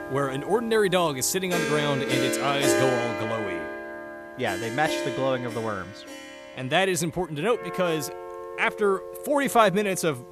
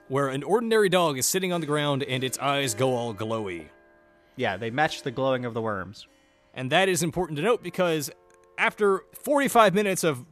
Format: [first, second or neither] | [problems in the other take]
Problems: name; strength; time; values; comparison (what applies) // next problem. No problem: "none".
second | background music; loud; throughout; 6 dB below the speech; faint in the second